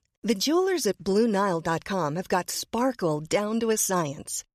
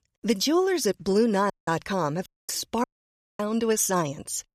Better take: first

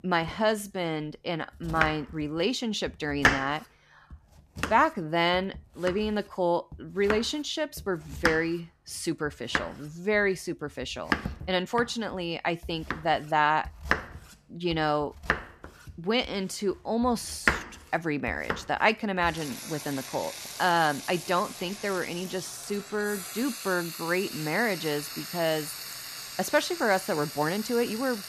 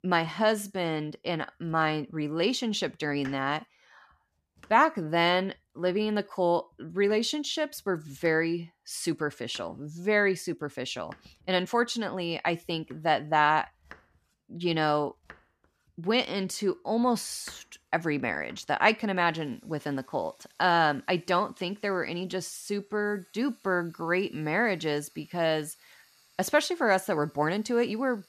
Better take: second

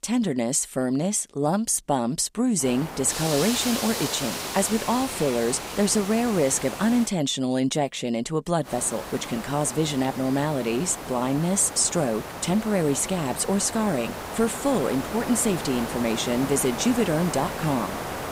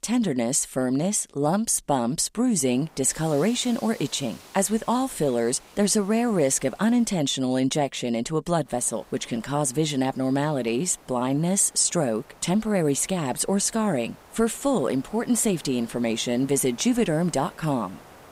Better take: second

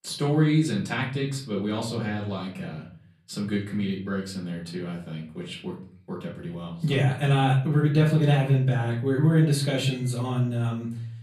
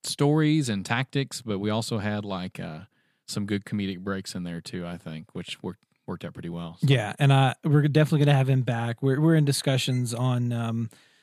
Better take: second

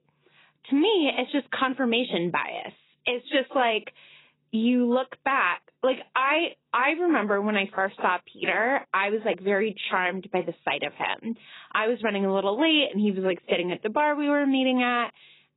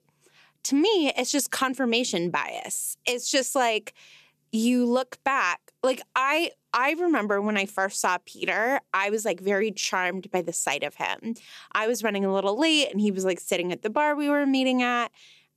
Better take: second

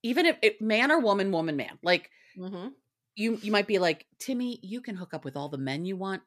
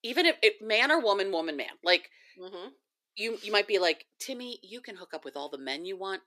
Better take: first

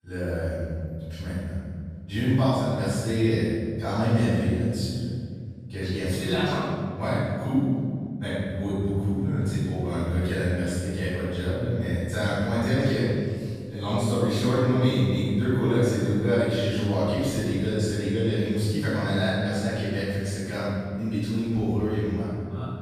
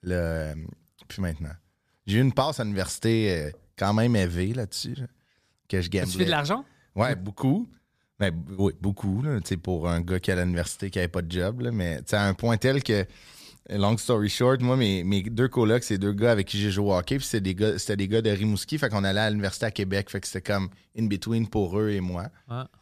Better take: second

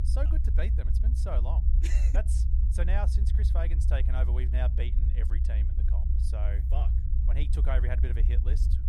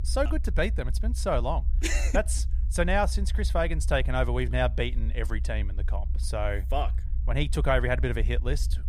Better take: second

